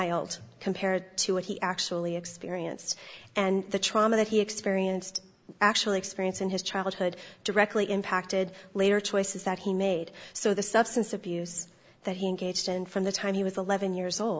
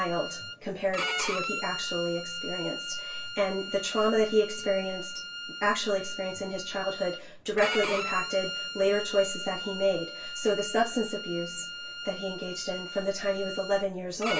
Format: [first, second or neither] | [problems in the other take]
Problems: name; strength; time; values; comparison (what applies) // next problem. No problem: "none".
first | background sound (Bowed string instrument); 7 dB below the speech // room echo; dies away in 0.2 s